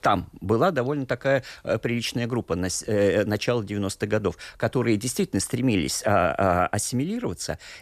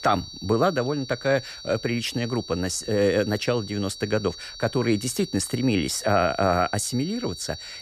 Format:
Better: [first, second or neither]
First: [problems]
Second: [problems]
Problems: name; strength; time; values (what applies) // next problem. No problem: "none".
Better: first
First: none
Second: high-pitched whine; noticeable; throughout; 4.5 kHz, 10 dB below the speech